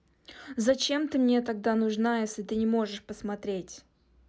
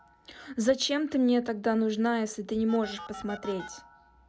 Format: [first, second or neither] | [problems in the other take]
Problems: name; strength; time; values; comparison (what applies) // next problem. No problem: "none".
first | background sound (Telephone); 20 dB below the speech